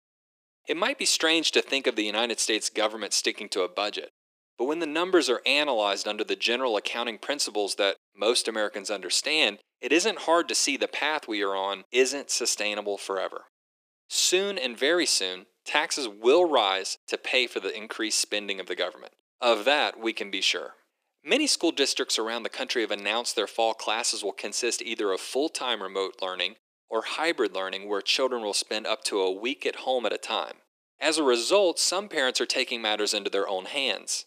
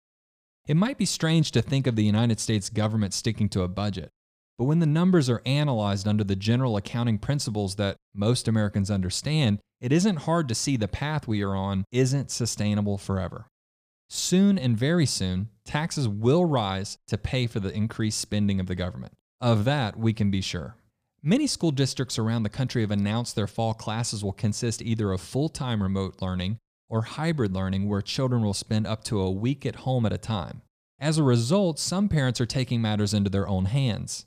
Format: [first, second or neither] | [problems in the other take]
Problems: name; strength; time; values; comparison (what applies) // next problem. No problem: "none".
second | thin; very; fading below 350 Hz